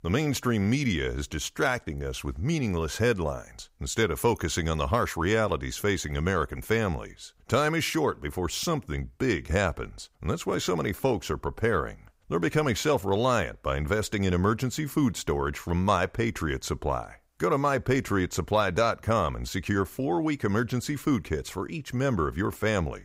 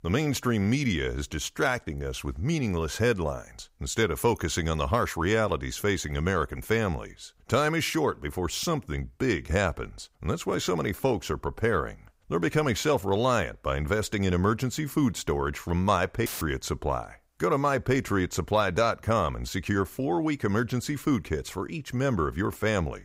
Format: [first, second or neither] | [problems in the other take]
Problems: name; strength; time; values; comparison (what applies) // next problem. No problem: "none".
first | audio cutting out; filled with static; at 16 s